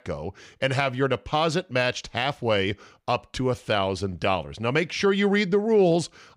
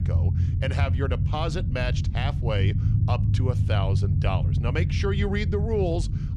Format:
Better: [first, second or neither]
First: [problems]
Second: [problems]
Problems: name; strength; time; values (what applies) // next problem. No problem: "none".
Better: first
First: none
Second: low rumble; loud; throughout; 7 dB below the speech